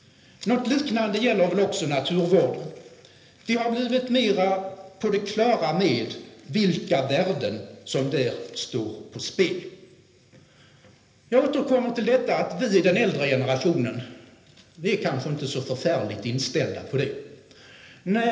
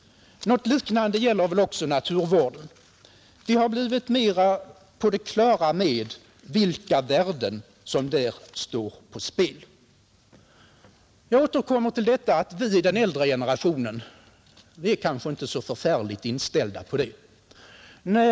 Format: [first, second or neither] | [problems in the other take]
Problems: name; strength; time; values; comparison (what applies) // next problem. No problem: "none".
second | room echo; dies away in 1.4 s